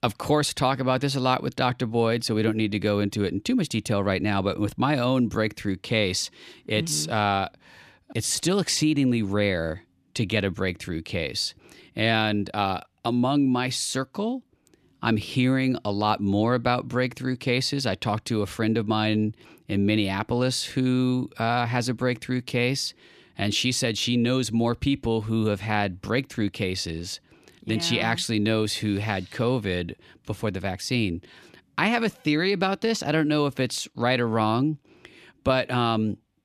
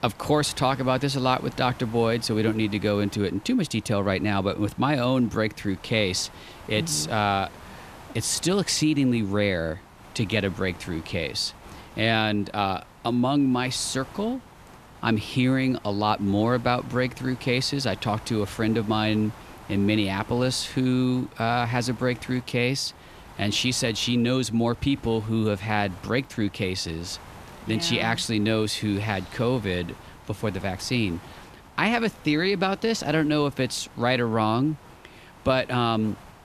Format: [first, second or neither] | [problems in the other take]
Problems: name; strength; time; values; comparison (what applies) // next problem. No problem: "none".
first | hiss; faint; throughout; 20 dB below the speech